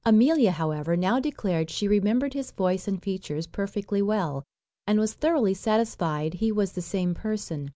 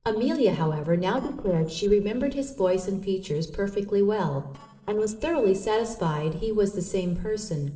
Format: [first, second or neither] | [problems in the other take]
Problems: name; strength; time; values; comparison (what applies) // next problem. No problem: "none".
first | noise reduction (neural separator model SepFormer DNS4)